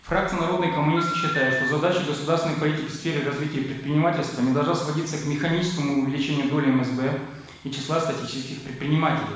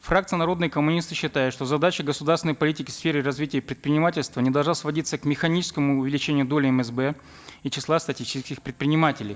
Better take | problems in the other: second | background sound (Telephone); 4 dB below the speech // room echo; dies away in 0.9 s

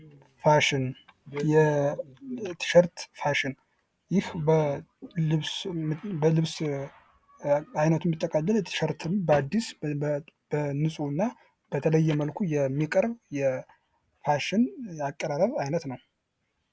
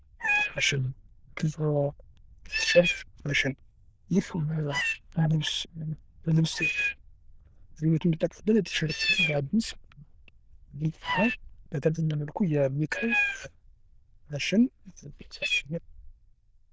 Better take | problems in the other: first | noise reduction (neural diffusion model UNIVERSE++)

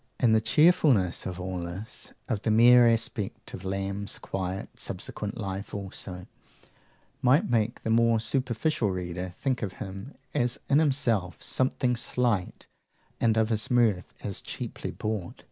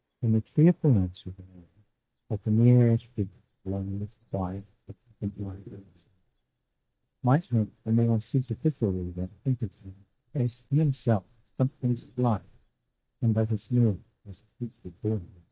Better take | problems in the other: first | noise reduction (neural mask model DeepFilterNet 3)

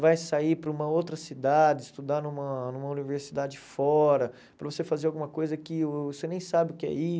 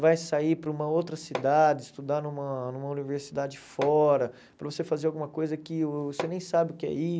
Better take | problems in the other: first | background sound (Hammer); 13 dB below the speech

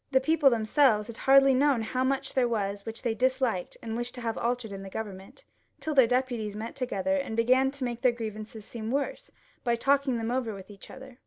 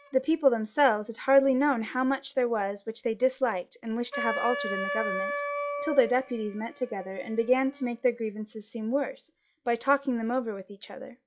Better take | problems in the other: first | noise reduction (classical method log-MMSE)

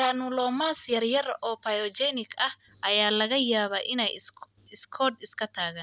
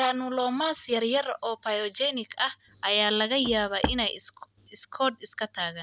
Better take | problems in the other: first | background sound (Walk, footsteps); 6 dB below the speech

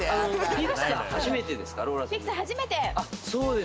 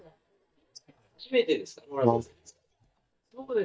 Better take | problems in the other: first | noise reduction (neural mask model DeepFilterNet 3)

